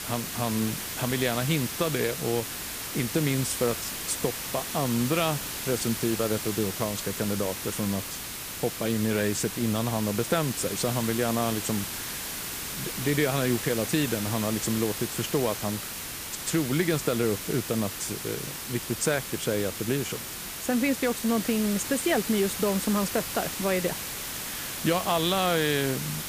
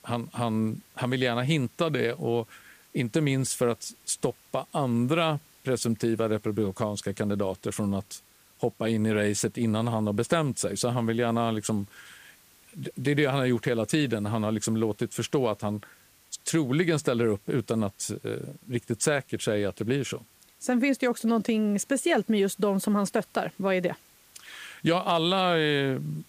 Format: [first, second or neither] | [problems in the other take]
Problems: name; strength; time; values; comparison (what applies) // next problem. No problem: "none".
second | hiss; loud; throughout; 4 dB below the speech; faint in the second